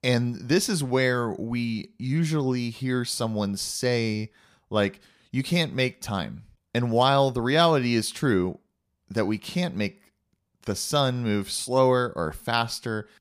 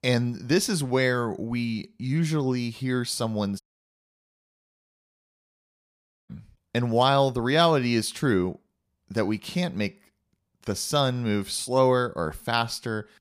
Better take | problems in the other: first | audio cutting out; at 3.5 s for 2.5 s

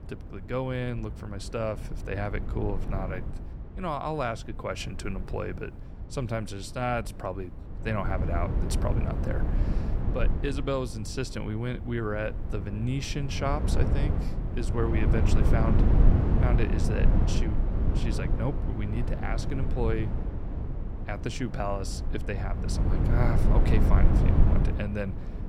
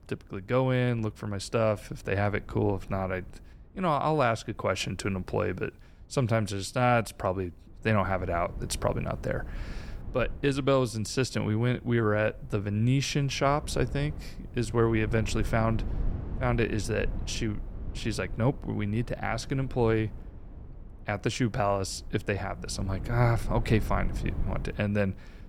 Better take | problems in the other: second | low rumble; loud; throughout; 4 dB below the speech; faint in the second

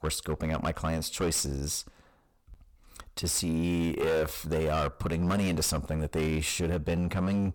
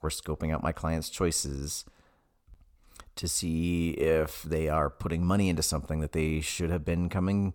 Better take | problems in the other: second | distortion; heavy; 16% of the sound clipped

